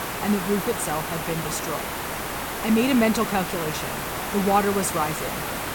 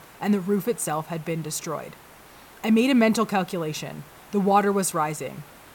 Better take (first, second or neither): second